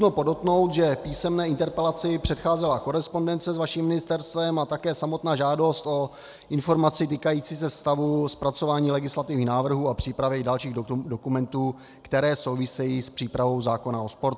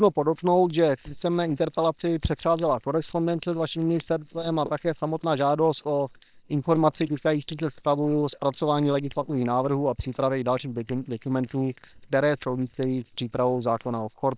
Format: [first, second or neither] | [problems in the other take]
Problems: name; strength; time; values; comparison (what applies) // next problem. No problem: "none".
first | noise reduction (neural separator model SepFormer WHAM!)